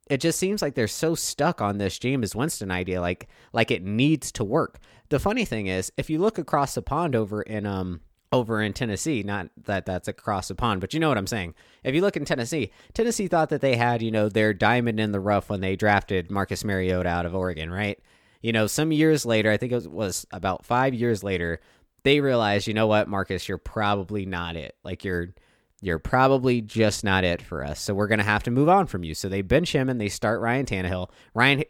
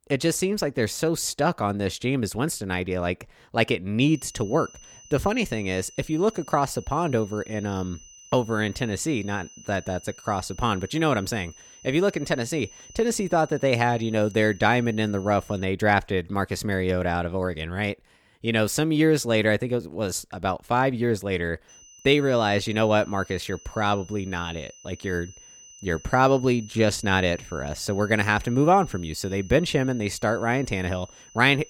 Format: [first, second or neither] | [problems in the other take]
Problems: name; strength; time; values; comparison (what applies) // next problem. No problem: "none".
first | high-pitched whine; faint; from 4 to 16 s and from 22 s on; 6 kHz, 20 dB below the speech